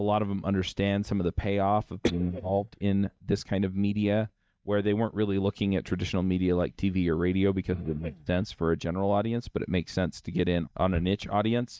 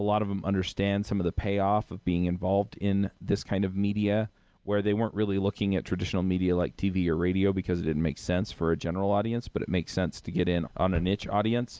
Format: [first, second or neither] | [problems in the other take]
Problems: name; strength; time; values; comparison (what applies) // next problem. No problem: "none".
second | noise reduction (neural mask model DeepFilterNet 3)